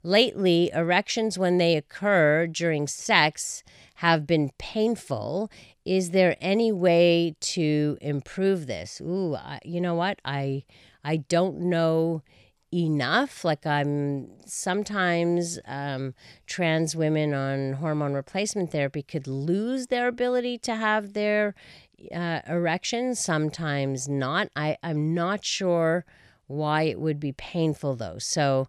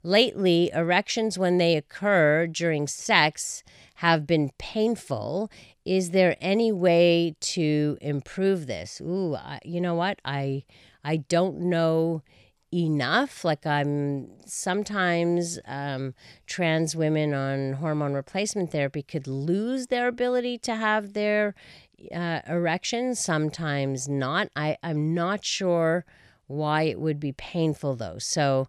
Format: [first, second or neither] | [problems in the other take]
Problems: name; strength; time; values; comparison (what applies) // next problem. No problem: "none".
neither | none